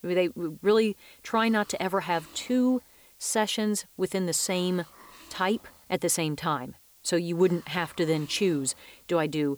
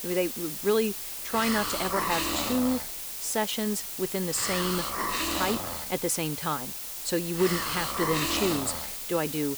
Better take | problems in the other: first | hiss; loud; throughout; 1 dB below the speech; faint in the first

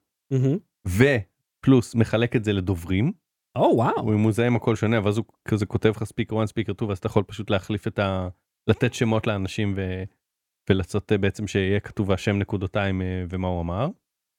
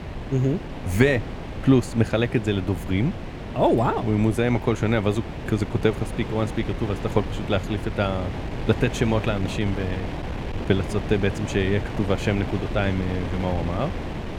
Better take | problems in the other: first | wind noise on the microphone; heavy; 9 dB below the speech

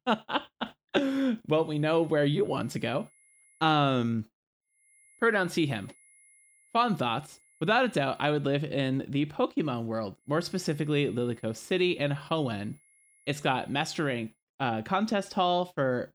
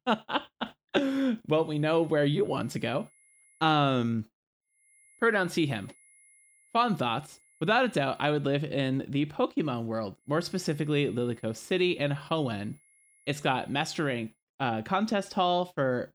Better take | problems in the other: neither | high-pitched whine; faint; from 1.5 to 3.5 s, from 5 to 8.5 s and from 10 to 14 s; 2 kHz, 30 dB below the speech; the same in both

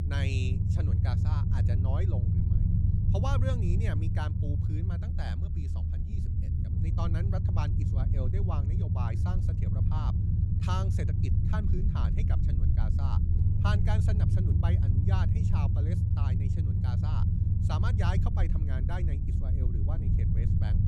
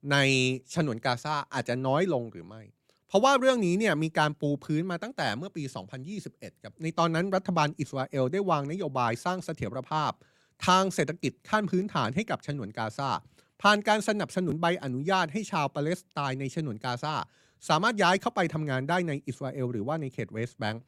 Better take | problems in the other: second | low rumble; loud; throughout; as loud as the speech

